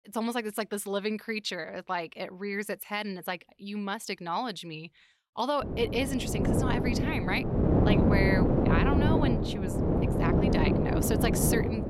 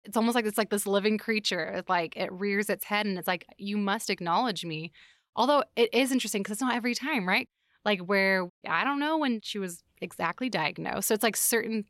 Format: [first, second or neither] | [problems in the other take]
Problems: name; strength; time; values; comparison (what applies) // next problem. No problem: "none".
second | wind noise on the microphone; heavy; from 5.5 s on; 1 dB above the speech